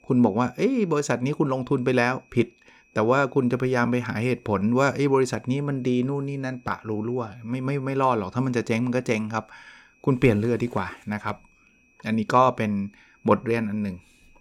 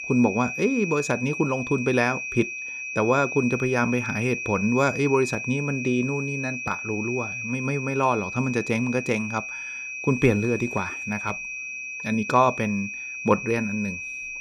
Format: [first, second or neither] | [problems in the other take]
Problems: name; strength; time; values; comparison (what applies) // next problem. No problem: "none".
first | high-pitched whine; loud; throughout; 2.5 kHz, 6 dB below the speech; faint in the first